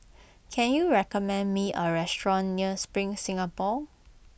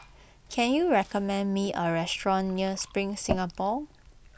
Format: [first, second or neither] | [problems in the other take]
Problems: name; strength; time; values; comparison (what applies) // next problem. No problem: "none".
first | background sound (Fill (with liquid) / Glass); 13 dB below the speech